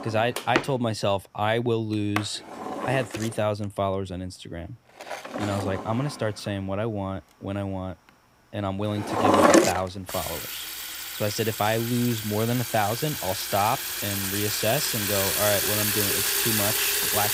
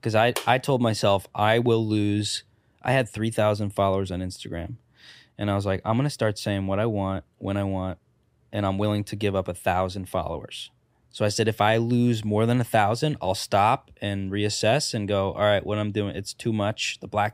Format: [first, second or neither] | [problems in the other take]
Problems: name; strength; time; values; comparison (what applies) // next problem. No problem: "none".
second | household noises; very loud; throughout; 3 dB above the speech